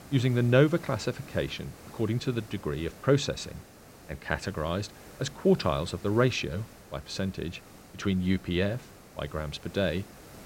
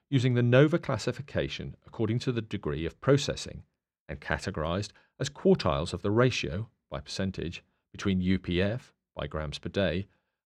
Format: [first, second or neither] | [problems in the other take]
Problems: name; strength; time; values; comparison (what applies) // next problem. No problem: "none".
second | hiss; noticeable; throughout; 20 dB below the speech